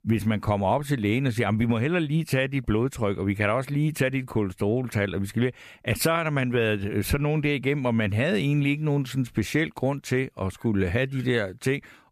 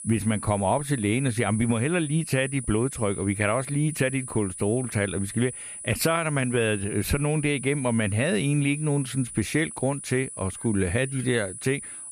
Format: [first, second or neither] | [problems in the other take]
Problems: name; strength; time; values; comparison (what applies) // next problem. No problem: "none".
first | high-pitched whine; loud; throughout; 10 kHz, 10 dB below the speech